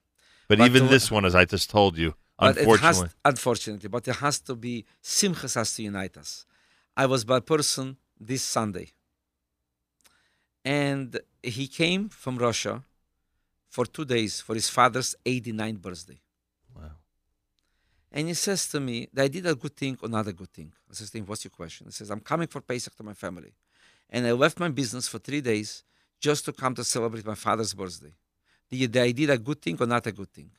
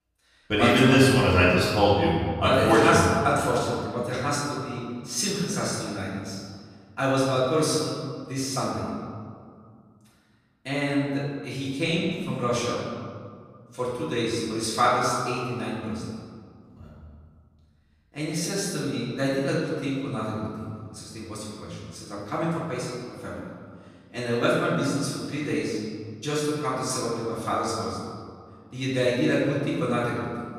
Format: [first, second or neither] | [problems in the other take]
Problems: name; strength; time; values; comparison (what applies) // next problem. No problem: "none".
first | off-mic speech; far // room echo; noticeable; dies away in 1.8 s